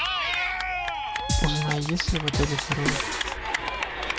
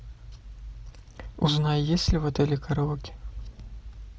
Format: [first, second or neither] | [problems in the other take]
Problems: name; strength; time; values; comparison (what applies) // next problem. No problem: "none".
second | background sound (Drum kit + Cheering / Clapping); 3 dB above the speech